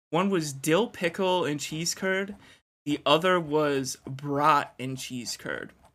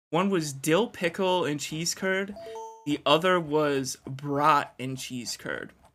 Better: first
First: none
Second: alarm; faint; at 2.5 s; peak 15 dB below the speech

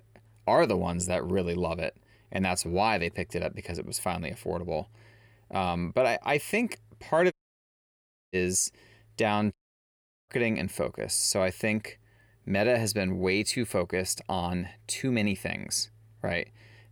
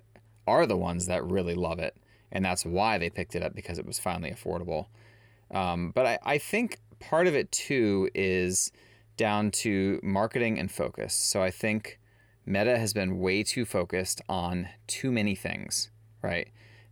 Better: second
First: audio cutting out; at 7.5 s for 1 s and at 9.5 s for 0.5 s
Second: none

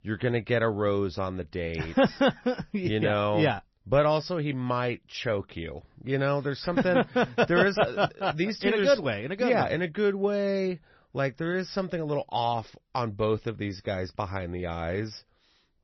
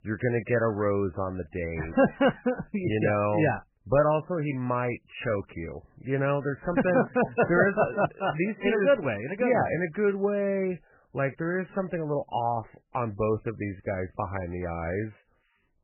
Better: first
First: garbled, watery; slightly; nothing above 5.5 kHz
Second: garbled, watery; badly; nothing above 3 kHz

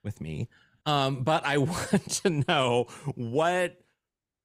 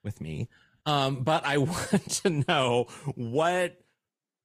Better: first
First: none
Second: garbled, watery; slightly; nothing above 12.5 kHz

